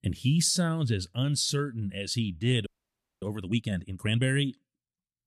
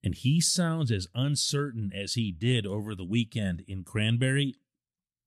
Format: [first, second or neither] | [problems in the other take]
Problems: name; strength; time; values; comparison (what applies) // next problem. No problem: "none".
second | audio freezing; at 2.5 s for 0.5 s